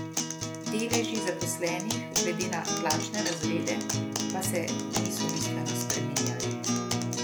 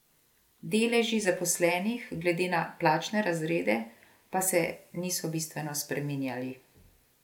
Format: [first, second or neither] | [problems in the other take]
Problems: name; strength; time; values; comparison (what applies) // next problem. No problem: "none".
second | background sound (Acoustic guitar); 4 dB above the speech